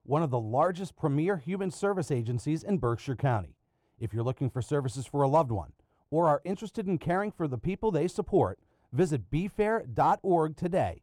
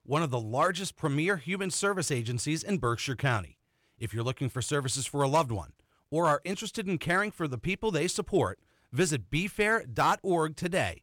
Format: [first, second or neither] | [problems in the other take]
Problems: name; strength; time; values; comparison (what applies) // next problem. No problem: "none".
second | muffled; slightly; fading above 1 kHz